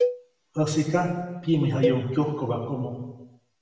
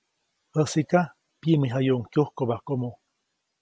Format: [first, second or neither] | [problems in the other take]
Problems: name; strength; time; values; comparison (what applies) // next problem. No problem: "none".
second | background sound (Cowbell); 6 dB below the speech // room echo; dies away in 1 s